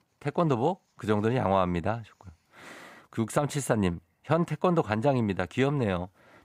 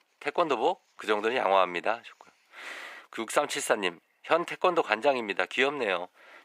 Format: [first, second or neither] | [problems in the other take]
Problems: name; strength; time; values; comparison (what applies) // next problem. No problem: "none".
first | thin; very; fading below 350 Hz